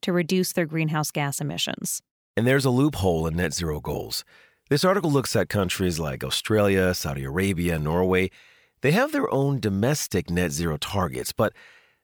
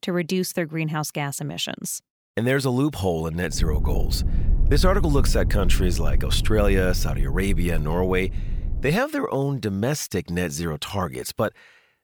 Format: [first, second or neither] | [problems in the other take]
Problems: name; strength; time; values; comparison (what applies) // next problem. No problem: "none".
first | low rumble; noticeable; from 3.5 to 9 s; 15 dB below the speech